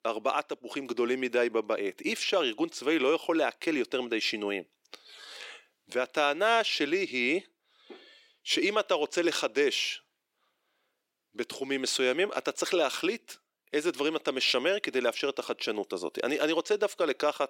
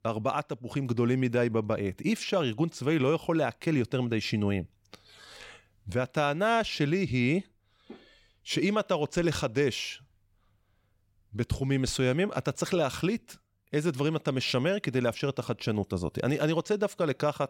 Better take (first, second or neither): second